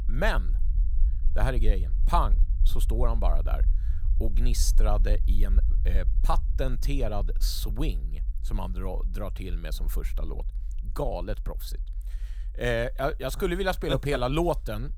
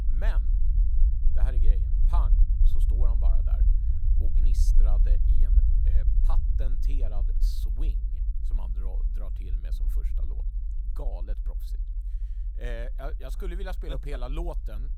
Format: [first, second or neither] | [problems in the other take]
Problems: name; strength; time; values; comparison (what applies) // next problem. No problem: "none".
first | low rumble; loud; throughout; 7 dB below the speech; faint in the first